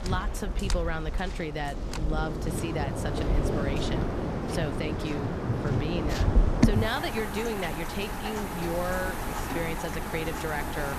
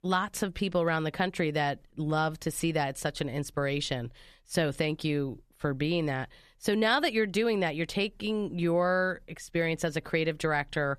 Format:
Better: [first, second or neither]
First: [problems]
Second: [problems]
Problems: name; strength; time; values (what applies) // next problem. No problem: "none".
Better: second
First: rain or running water; very loud; throughout; 3 dB above the speech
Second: none